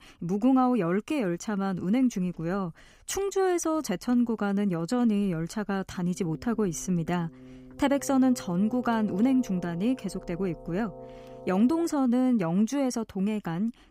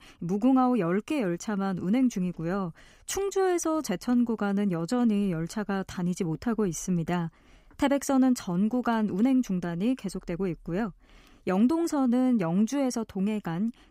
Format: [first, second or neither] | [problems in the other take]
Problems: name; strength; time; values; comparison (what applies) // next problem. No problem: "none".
second | background music; noticeable; from 6 s on; 20 dB below the speech